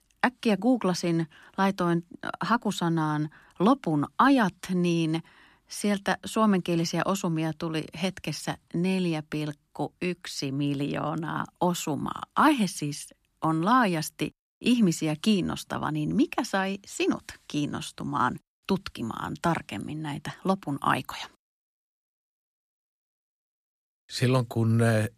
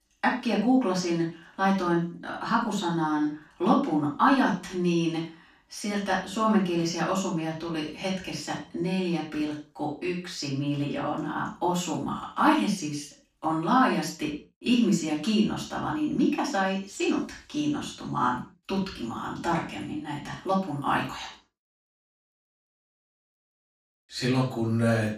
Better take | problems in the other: first | room echo; noticeable; dies away in 0.3 s // off-mic speech; far

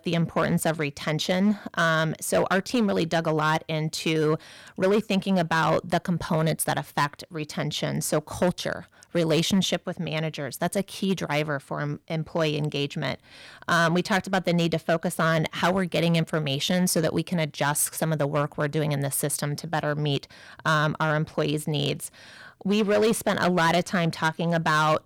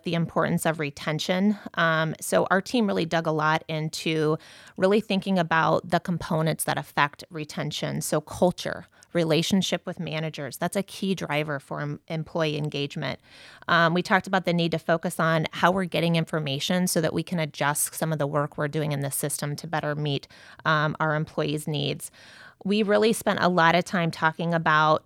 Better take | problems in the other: second | distortion; slight; 5% of the sound clipped

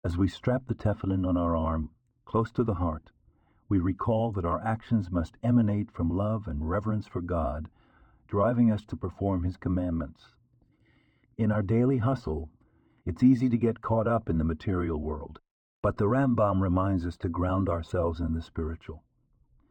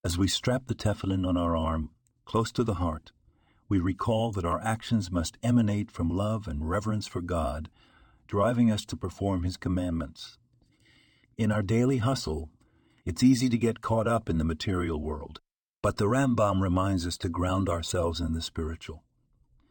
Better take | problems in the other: second | muffled; very; fading above 3 kHz

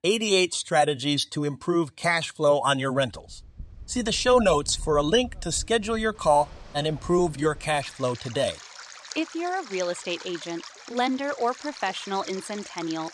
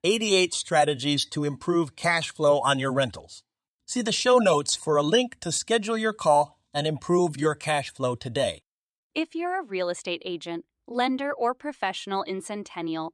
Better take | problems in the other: second | rain or running water; noticeable; from 3.5 s on; 15 dB below the speech

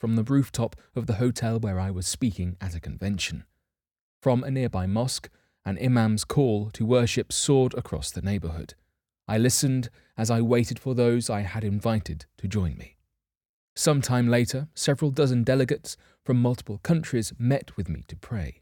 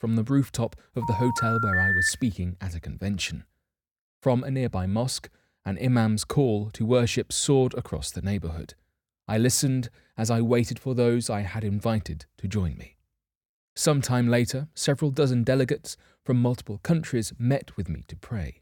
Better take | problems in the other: first | phone ringing; loud; from 1 to 2 s; peak 5 dB above the speech

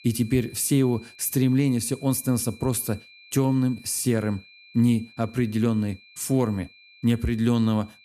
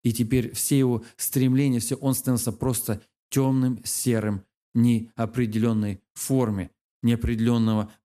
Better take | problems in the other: second | high-pitched whine; faint; throughout; 2.5 kHz, 25 dB below the speech

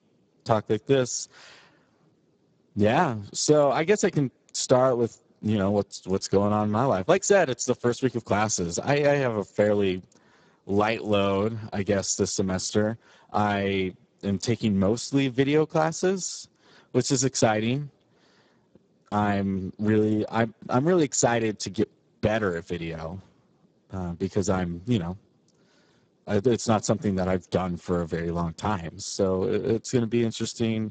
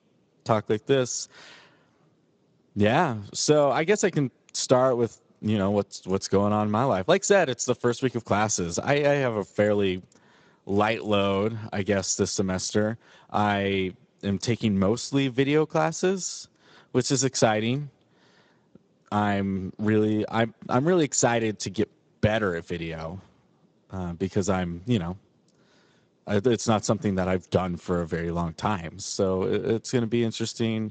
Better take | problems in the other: second | garbled, watery; badly; nothing above 7.5 kHz; slightly in the second

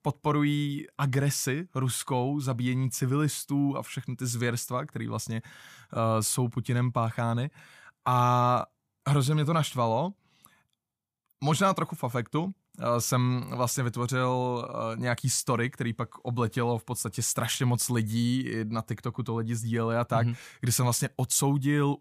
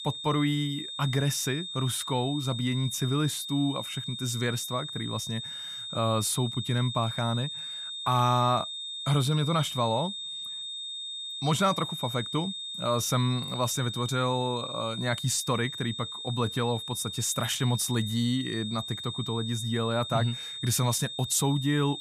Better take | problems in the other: first | high-pitched whine; loud; throughout; 3.5 kHz, 6 dB below the speech

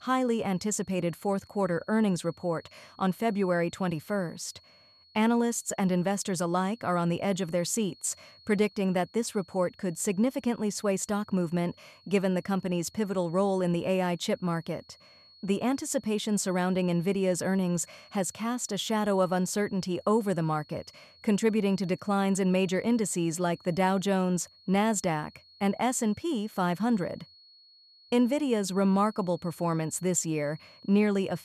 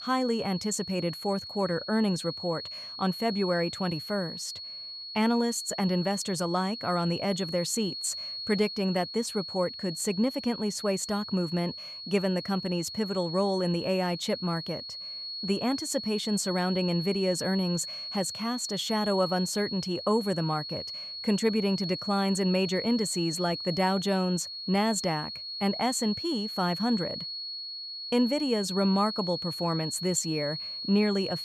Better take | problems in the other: first | high-pitched whine; loud; throughout; 4.5 kHz, 6 dB below the speech; faint in the first

